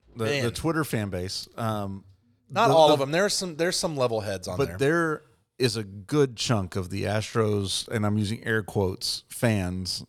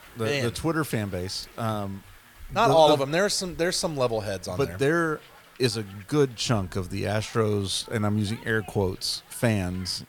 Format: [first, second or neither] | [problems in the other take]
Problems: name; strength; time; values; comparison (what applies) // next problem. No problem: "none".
first | hiss; faint; throughout; 25 dB below the speech